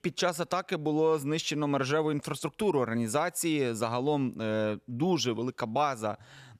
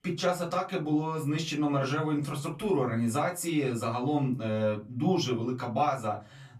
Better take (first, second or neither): first